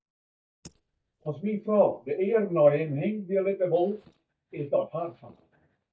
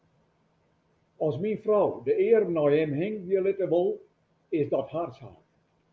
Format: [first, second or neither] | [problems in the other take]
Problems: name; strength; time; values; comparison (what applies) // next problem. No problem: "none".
second | noise reduction (neural mask model DeepFilterNet 3)